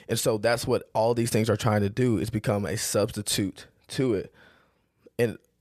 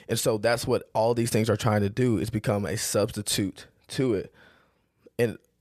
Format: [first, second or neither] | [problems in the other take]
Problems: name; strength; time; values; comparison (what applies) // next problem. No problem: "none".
neither | none